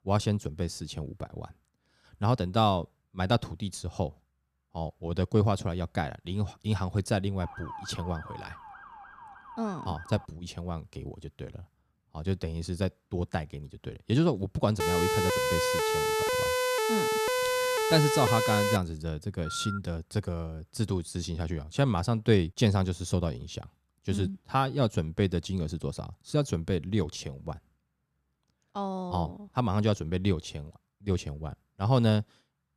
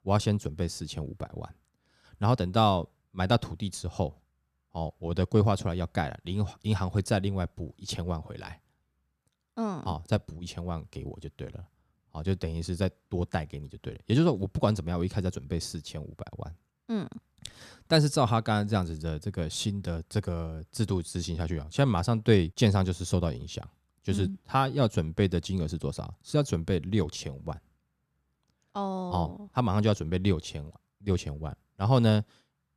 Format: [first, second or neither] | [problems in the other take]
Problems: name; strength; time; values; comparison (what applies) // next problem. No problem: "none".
second | siren; faint; from 7.5 to 10 s; peak 10 dB below the speech // siren; loud; from 15 to 19 s; peak 3 dB above the speech // phone ringing; noticeable; at 19 s; peak 7 dB below the speech